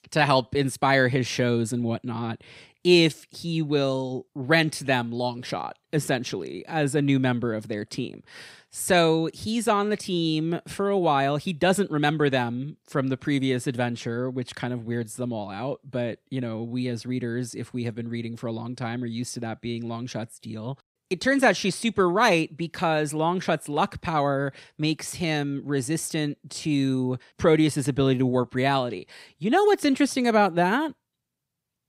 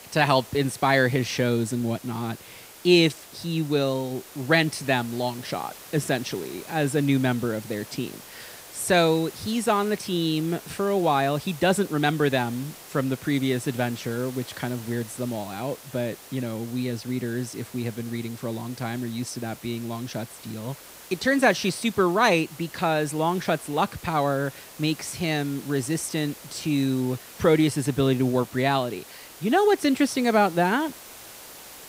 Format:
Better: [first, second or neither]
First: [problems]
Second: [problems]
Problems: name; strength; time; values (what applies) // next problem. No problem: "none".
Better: first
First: none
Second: hiss; noticeable; throughout; 15 dB below the speech